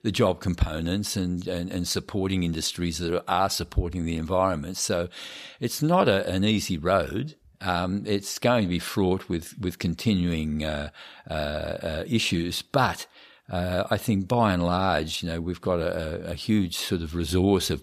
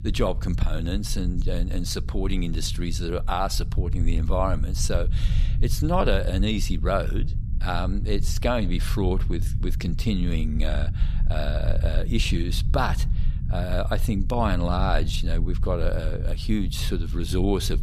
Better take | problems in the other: first | low rumble; noticeable; throughout; 15 dB below the speech

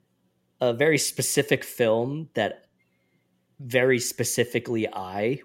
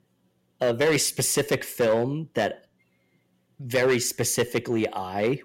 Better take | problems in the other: first | distortion; slight; 5% of the sound clipped

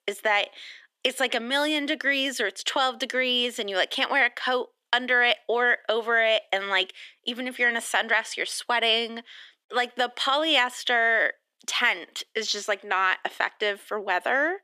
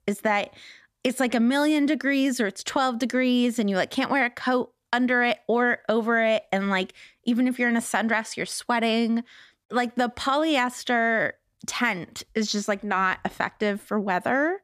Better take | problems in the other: second | thin; somewhat; fading below 350 Hz

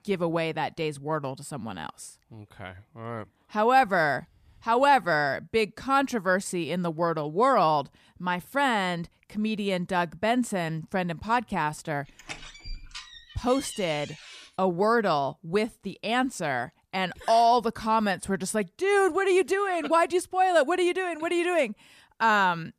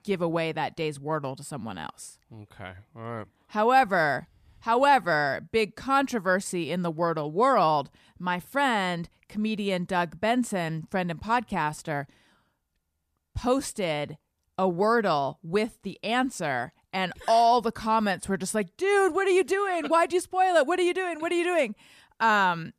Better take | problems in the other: second | door banging; faint; from 12 to 14 s; peak 15 dB below the speech

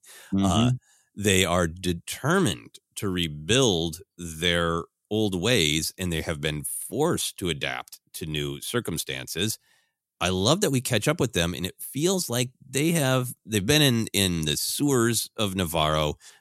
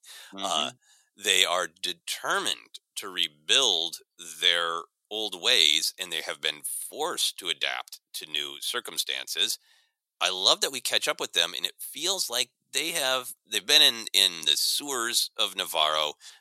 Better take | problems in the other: first | thin; very; fading below 750 Hz

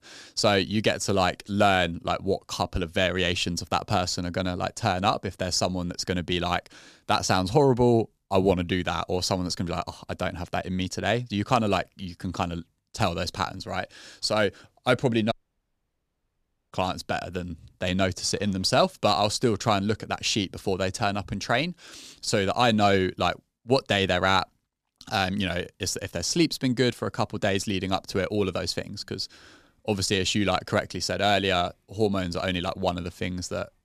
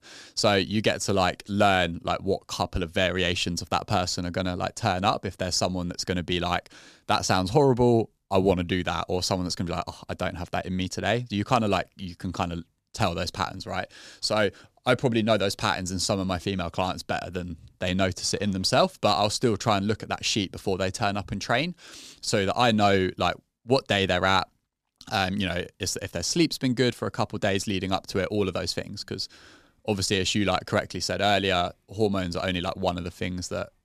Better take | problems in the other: second | audio cutting out; at 15 s for 1.5 s

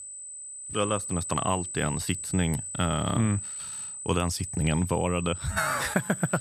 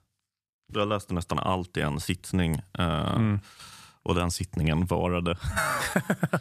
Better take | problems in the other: second | high-pitched whine; loud; throughout; 8 kHz, 6 dB below the speech

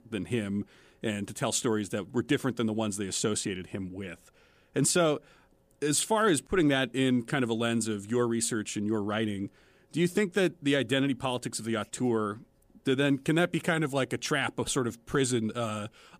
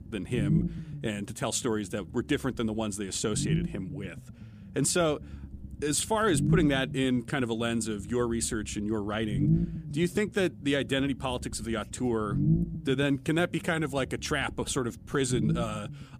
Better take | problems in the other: first | low rumble; loud; throughout; 9 dB below the speech

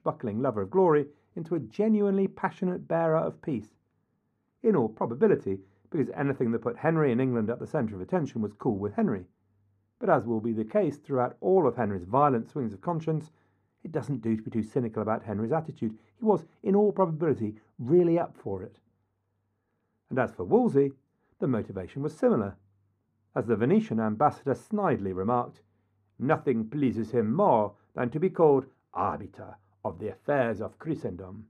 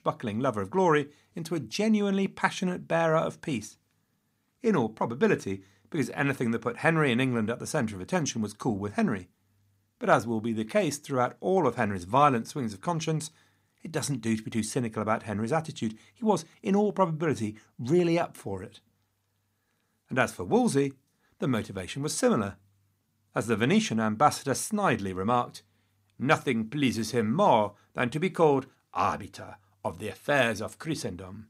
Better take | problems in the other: second | muffled; very; fading above 2 kHz

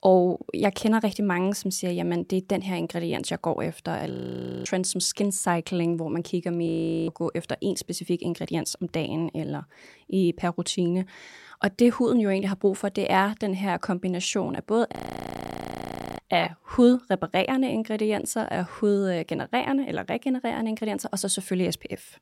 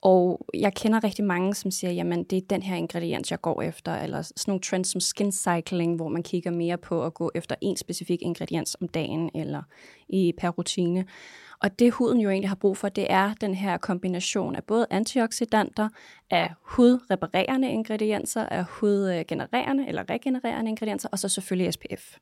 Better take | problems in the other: second | audio freezing; at 4 s for 0.5 s, at 6.5 s and at 15 s for 1.5 s

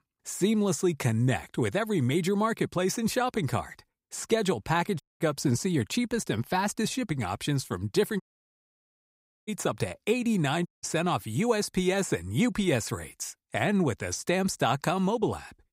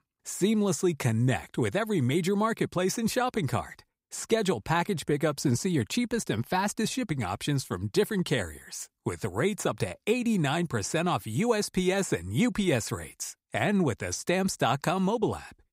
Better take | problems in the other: second | audio cutting out; at 5 s, at 8 s for 1.5 s and at 11 s

